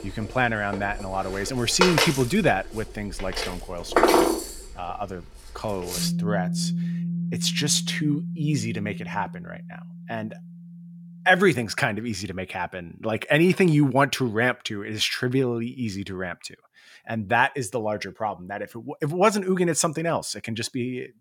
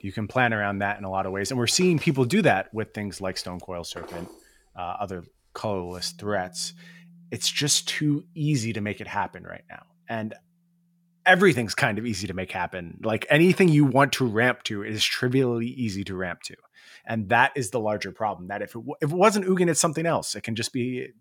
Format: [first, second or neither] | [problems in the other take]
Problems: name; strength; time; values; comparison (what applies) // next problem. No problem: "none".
second | background music; loud; until 12 s; 2 dB below the speech; faint in the second